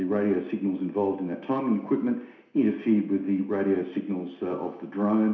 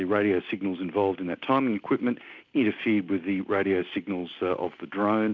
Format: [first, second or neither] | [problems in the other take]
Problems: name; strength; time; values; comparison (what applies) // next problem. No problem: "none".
second | room echo; dies away in 0.7 s